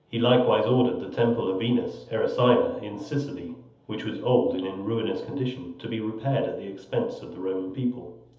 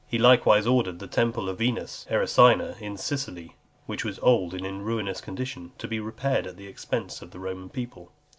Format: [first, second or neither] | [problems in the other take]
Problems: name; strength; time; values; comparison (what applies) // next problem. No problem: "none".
second | room echo; dies away in 0.8 s